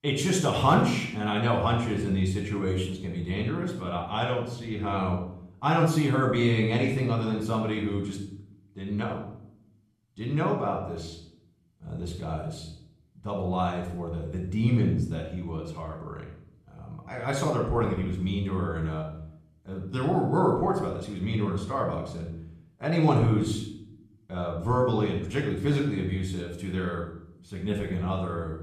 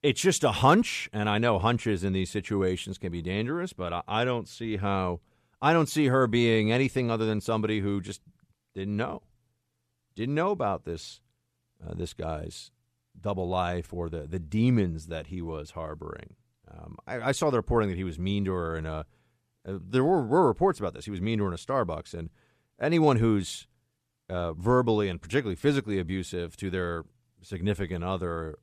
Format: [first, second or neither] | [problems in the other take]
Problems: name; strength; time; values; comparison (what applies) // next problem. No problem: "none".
second | off-mic speech; far // room echo; noticeable; dies away in 0.6 s